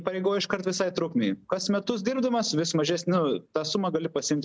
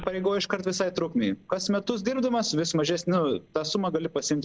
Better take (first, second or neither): first